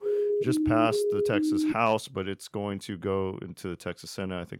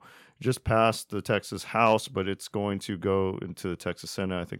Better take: second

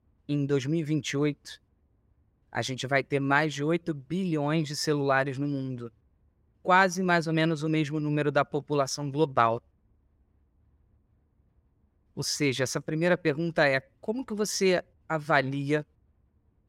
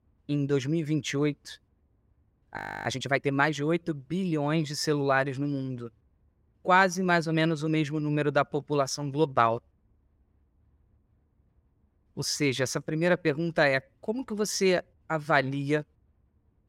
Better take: first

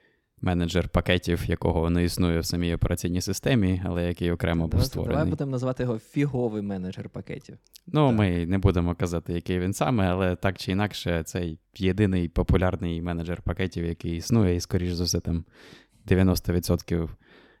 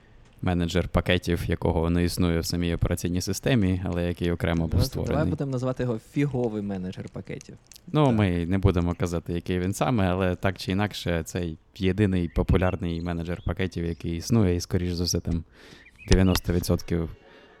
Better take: first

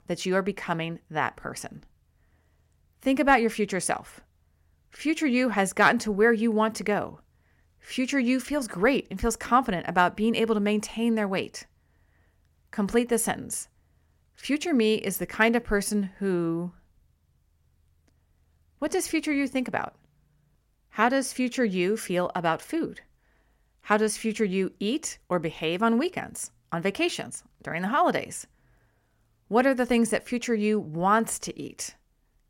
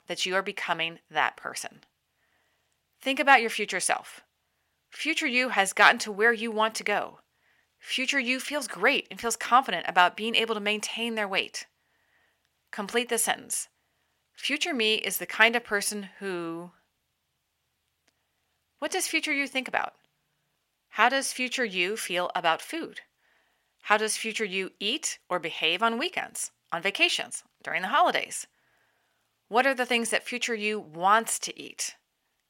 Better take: first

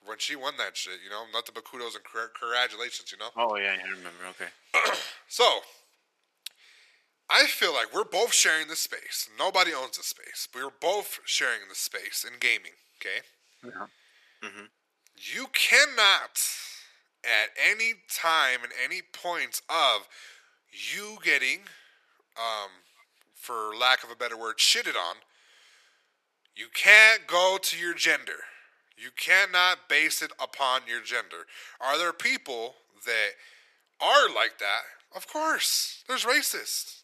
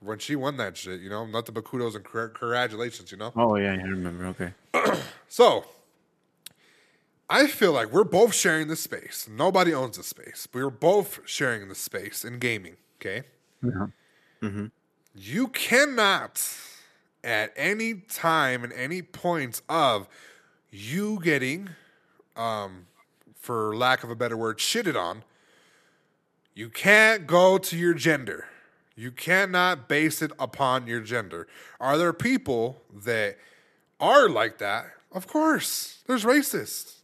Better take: second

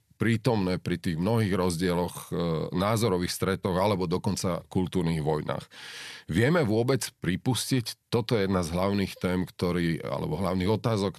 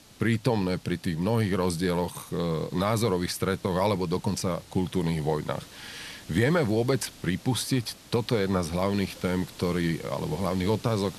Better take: first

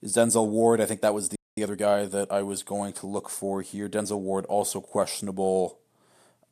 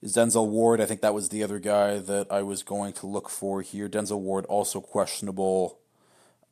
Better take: second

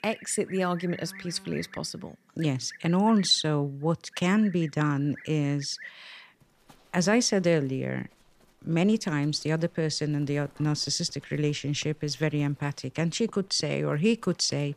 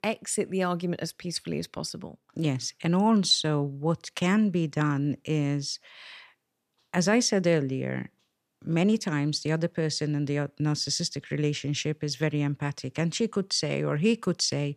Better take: second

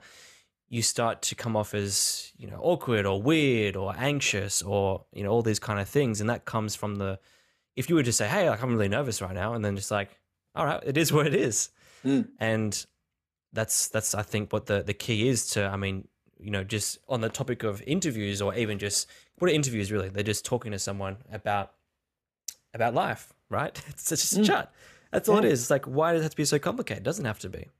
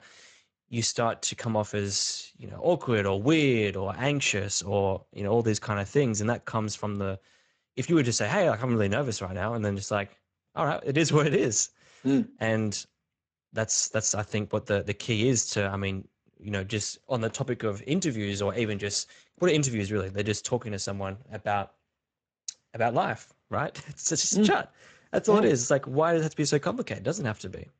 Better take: first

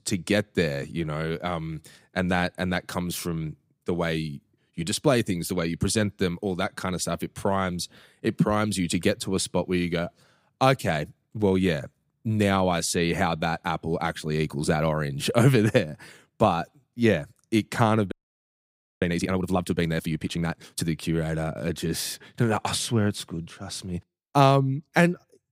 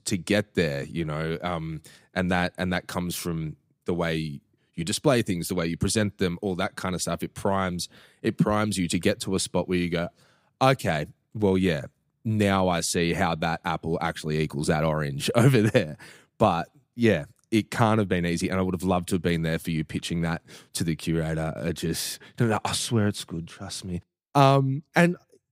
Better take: second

